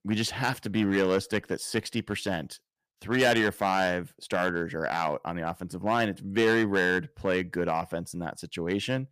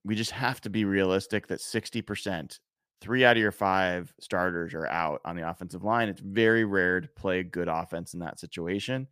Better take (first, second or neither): second